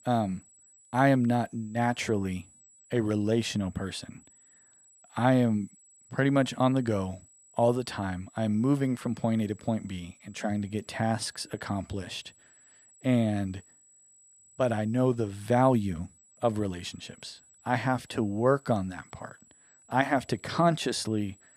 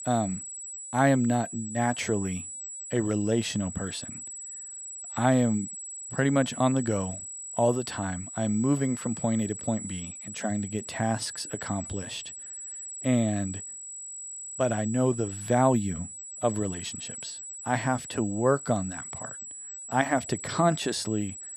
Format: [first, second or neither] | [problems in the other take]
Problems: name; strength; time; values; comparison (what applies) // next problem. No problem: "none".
first | high-pitched whine; loud; throughout; 8 kHz, 9 dB below the speech; faint in the first